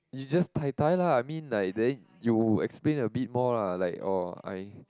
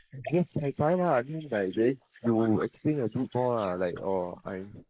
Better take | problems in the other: first | noise reduction (neural mask model Resemble Enhance denoiser)

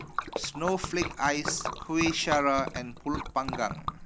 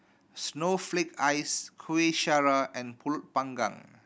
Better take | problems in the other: second | background sound (Liquid); 6 dB below the speech

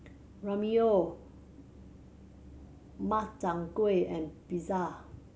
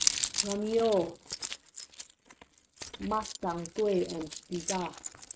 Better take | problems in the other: first | noise reduction (neural mask model RNNoise)

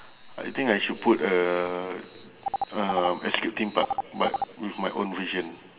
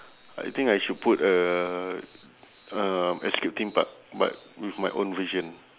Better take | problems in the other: second | background sound (Telephone); 5 dB below the speech // room echo; dies away in 2.4 s

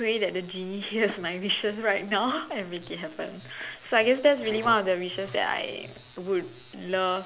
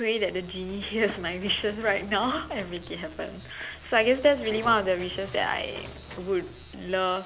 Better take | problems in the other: first | background sound (Engine / Mechanisms); 18 dB below the speech

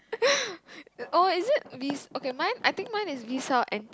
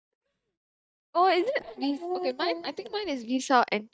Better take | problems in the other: first | noise reduction (neural mask model DeepFilterNet 3)

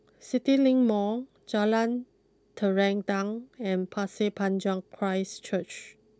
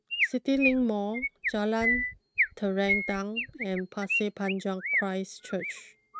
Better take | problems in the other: first | noise reduction (neural mask model RNNoise)

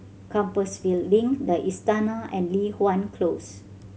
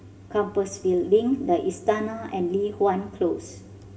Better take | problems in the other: first | room echo; dies away in 2.8 s

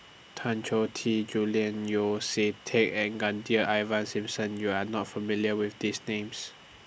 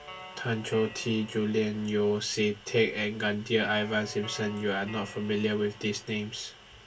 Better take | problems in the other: first | background sound (Guitar); 19 dB below the speech // room echo; dies away in 0.1 s

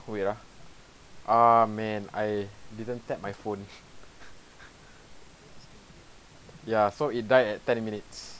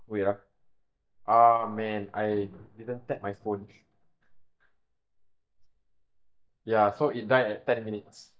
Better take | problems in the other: first | noise reduction (neural mask model DeepFilterNet 3)

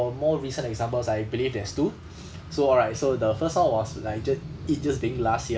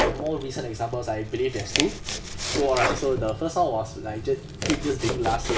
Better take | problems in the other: first | background sound (Domestic sounds, home sounds); 4 dB below the speech // room echo; dies away in 0.2 s

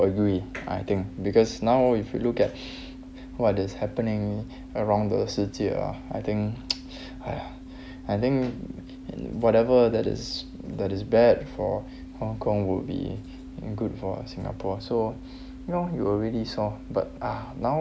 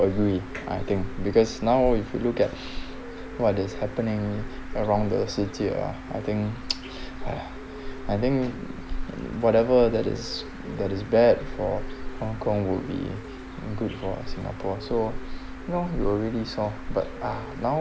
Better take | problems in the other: first | background sound (Bird); 8 dB below the speech

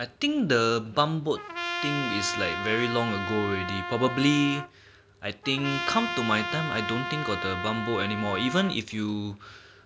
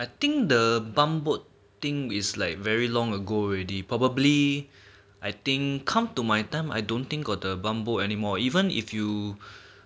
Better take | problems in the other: second | background sound (Trumpet); 5 dB below the speech

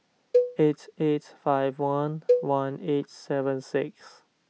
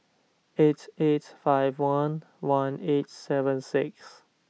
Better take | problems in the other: second | background sound (Cowbell); 2 dB below the speech

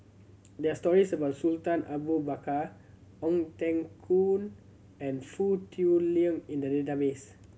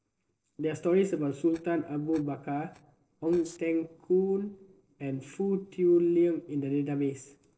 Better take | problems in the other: first | noise reduction (neural separator model SepFormer DNS4)

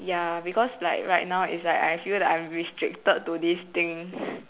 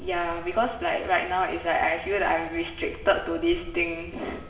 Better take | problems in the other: first | background sound (Truck); 16 dB below the speech // room echo; dies away in 1.1 s

